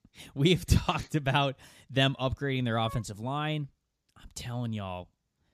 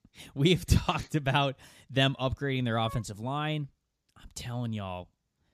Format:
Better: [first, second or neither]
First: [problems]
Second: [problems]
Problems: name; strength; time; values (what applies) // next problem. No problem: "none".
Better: neither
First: none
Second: none